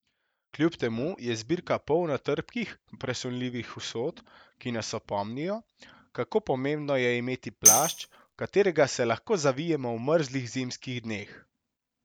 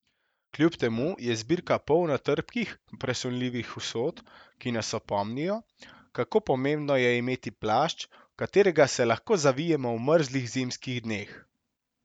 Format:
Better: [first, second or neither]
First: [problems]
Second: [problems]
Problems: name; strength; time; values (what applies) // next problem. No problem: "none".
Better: second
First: background sound (Tambourine); 4 dB above the speech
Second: none